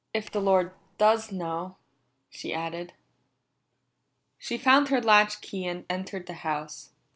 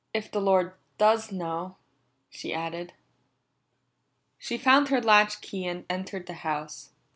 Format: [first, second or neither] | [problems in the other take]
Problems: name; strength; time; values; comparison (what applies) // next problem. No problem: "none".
second | noise reduction (neural separator model SepFormer DNS4)